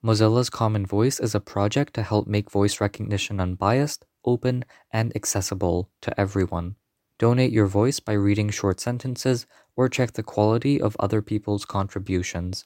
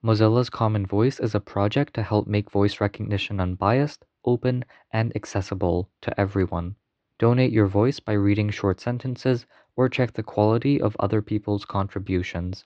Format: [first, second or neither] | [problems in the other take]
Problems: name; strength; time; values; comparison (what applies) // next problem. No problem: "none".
first | muffled; slightly; fading above 4 kHz